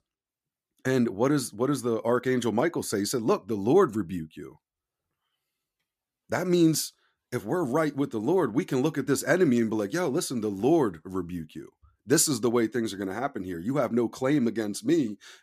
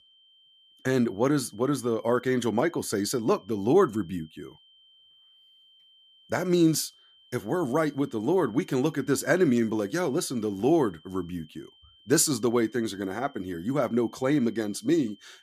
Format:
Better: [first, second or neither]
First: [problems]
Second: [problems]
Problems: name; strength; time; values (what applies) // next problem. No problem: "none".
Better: first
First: none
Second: high-pitched whine; faint; throughout; 3 kHz, 30 dB below the speech